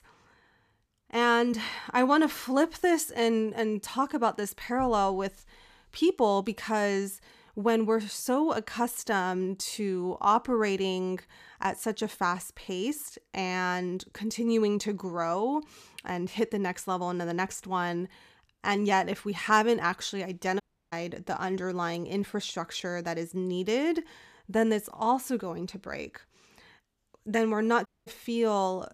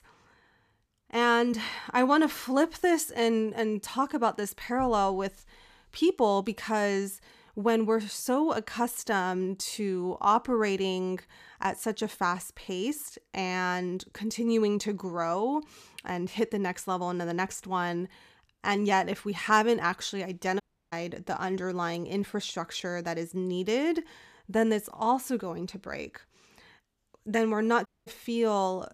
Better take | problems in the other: neither | audio cutting out; at 21 s and at 28 s; the same in both

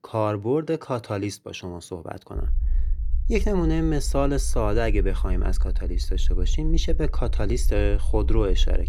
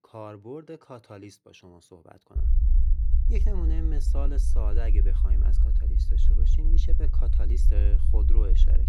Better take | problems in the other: first | low rumble; loud; from 2.5 s on; 4 dB below the speech; faint in the first

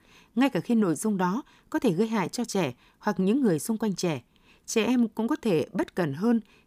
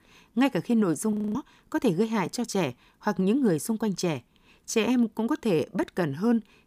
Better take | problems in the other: first | audio freezing; at 1 s

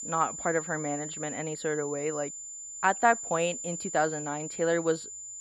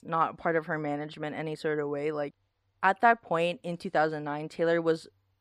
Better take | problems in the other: second | high-pitched whine; loud; throughout; 7 kHz, 7 dB below the speech

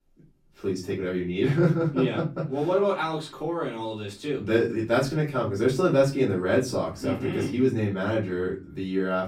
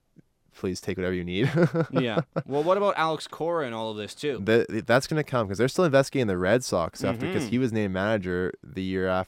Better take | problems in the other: second | off-mic speech; far // room echo; slight; dies away in 0.3 s

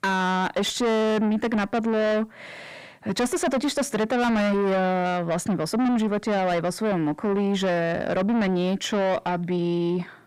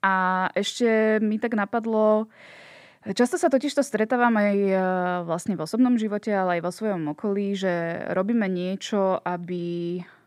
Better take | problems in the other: second | distortion; heavy; 6 dB below the speech

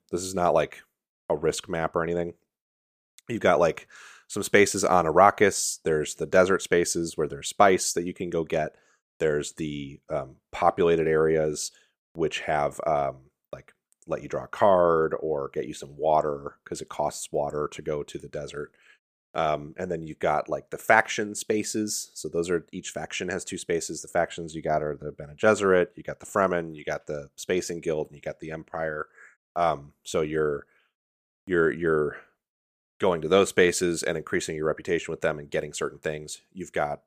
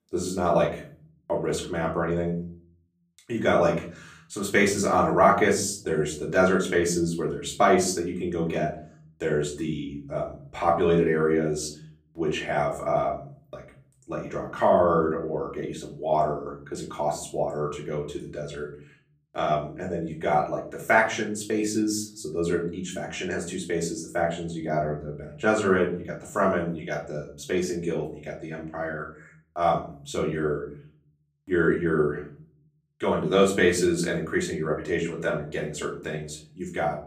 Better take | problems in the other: first | off-mic speech; far // room echo; slight; dies away in 0.6 s

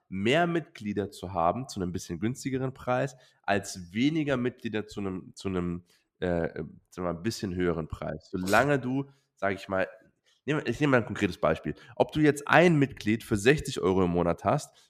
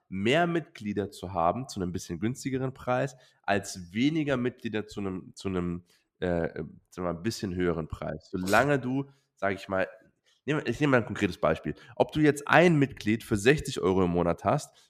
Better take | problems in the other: neither | none

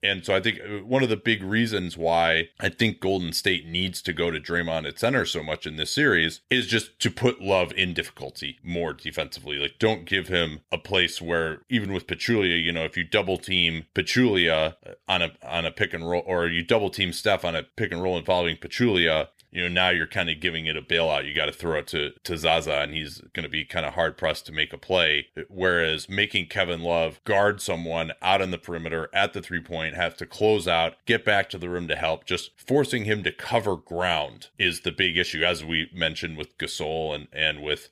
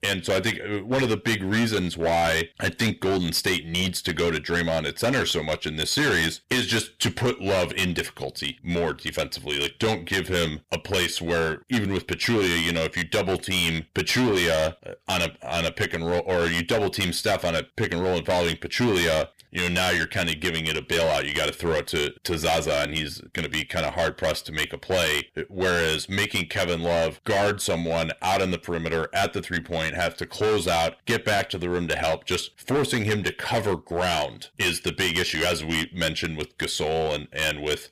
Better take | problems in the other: first | distortion; heavy; 13% of the sound clipped

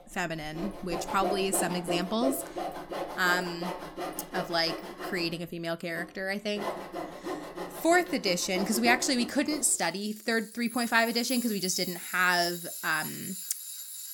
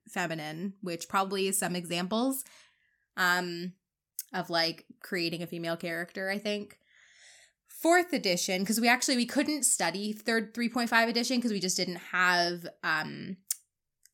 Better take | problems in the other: second | machinery noise; loud; throughout; 8 dB below the speech

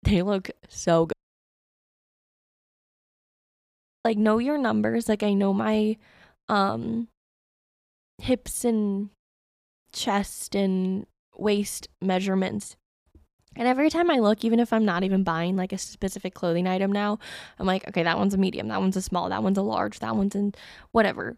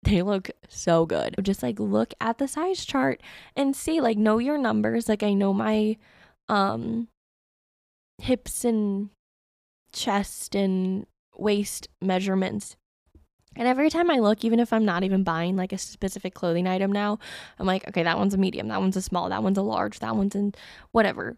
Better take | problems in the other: second | audio cutting out; at 1 s for 3 s

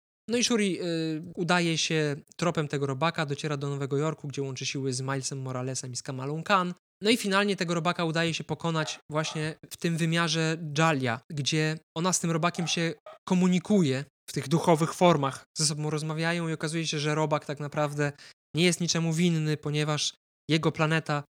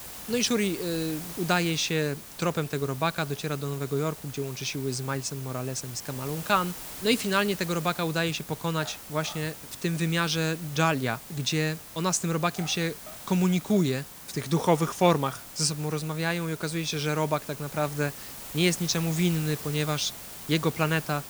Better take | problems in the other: first | hiss; noticeable; throughout; 10 dB below the speech

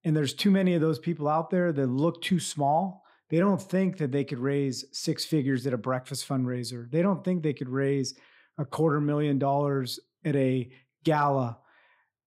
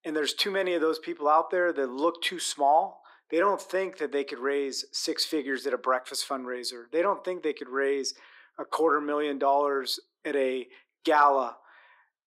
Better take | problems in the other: first | thin; very; fading below 350 Hz

